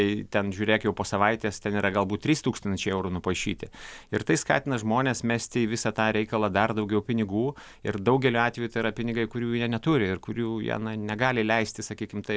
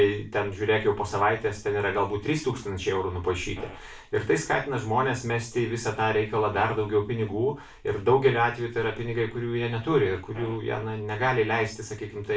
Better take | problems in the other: first | background sound (Fart); 15 dB below the speech // room echo; dies away in 0.3 s

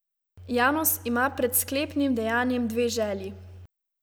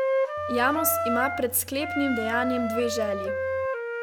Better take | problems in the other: first | background sound (Wind instrument, woodwind instrument); 1 dB below the speech

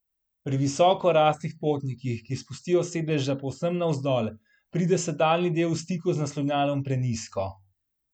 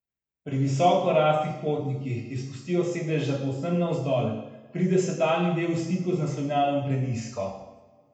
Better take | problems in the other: first | room echo; dies away in 0.9 s

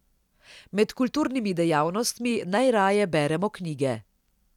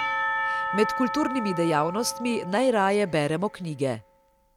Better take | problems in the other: first | background sound (Church bell / Percussion); 6 dB below the speech

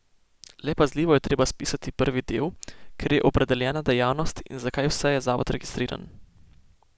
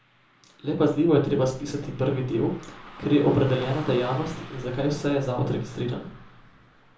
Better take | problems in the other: first | background sound (Car passing by / Traffic noise, roadway noise); 19 dB below the speech // room echo; dies away in 1 s

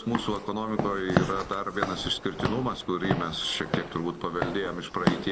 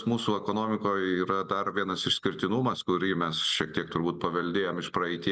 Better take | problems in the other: second | background sound (Walk, footsteps / Siren); 2 dB below the speech

